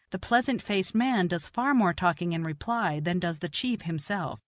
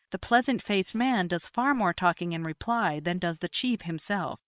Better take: first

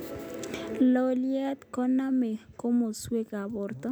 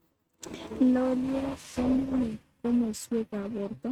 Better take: first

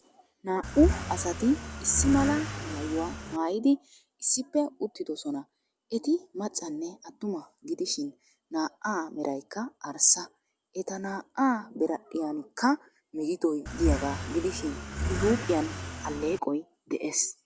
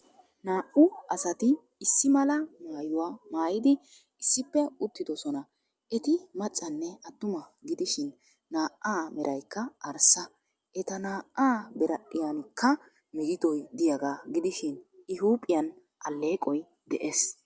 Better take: second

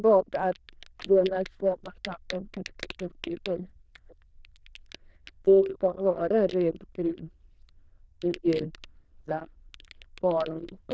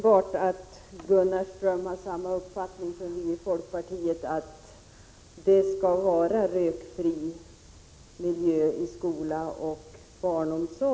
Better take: second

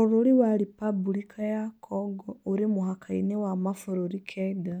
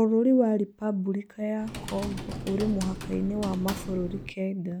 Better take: first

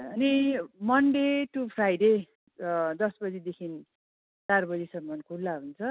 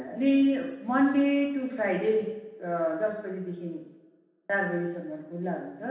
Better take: first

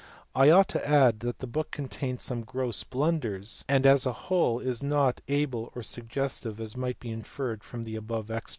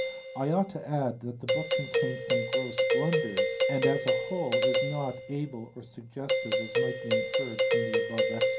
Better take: first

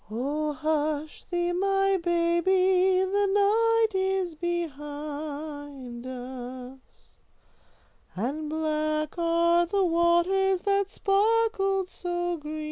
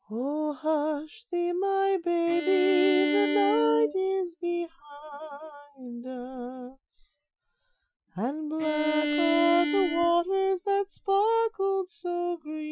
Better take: first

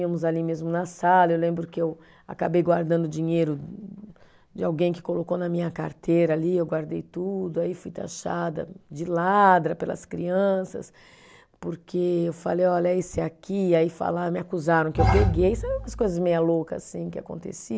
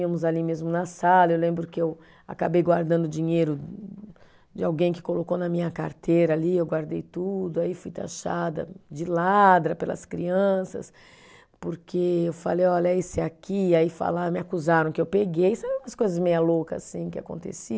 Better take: second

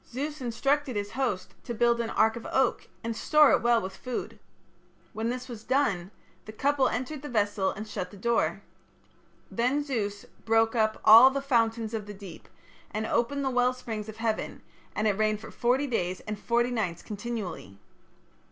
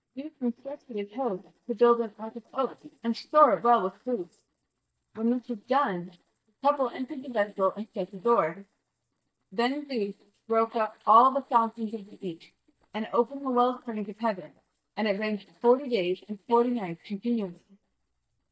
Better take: first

